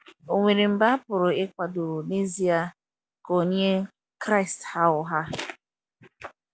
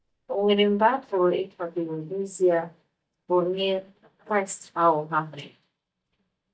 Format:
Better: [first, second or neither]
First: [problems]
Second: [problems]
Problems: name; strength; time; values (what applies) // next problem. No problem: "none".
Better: first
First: none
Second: noise reduction (neural mask model DeepFilterNet 3)